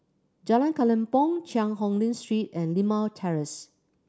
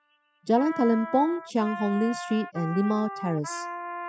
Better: first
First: none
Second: noise reduction (classical method spectral subtraction)

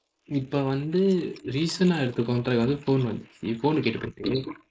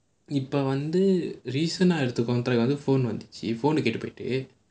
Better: second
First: noise reduction (neural mask model Resemble Enhance denoiser)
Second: none

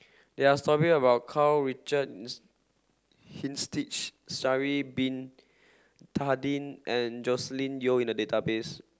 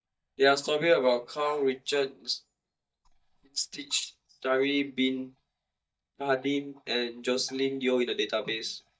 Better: first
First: none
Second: noise reduction (neural mask model DeepFilterNet 3)

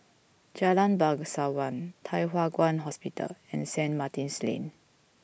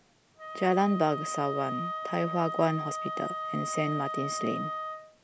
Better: first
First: none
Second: background sound (Wind instrument, woodwind instrument); 5 dB below the speech

